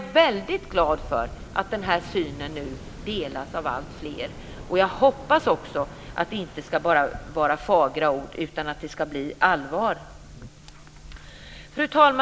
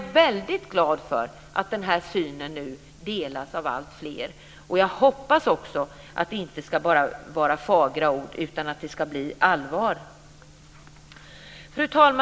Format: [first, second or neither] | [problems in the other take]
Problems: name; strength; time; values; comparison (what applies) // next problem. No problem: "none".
second | background sound (Waves, surf); 16 dB below the speech